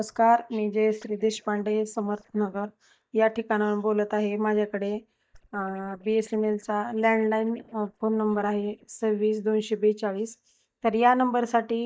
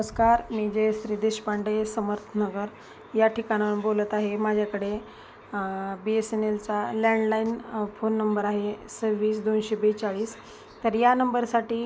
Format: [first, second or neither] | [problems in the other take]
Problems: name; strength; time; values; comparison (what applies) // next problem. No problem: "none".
second | noise reduction (neural mask model DeepFilterNet 3)